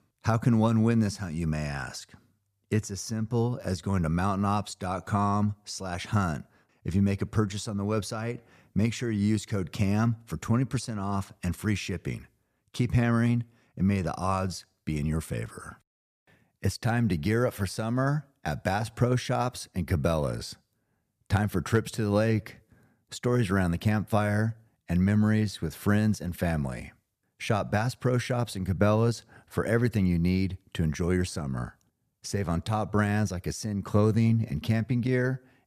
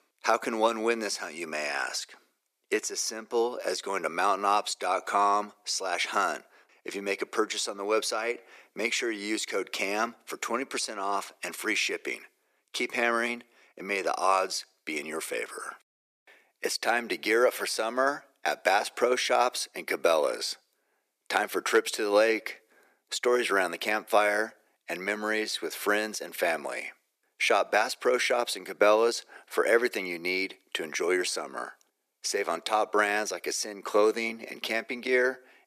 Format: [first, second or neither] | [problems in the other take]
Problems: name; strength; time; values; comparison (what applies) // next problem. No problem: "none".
first | thin; very; fading below 350 Hz